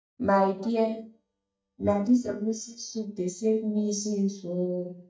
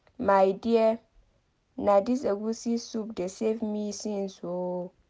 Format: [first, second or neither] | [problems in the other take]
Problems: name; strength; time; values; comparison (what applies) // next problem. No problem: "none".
second | noise reduction (neural mask model DeepFilterNet 3)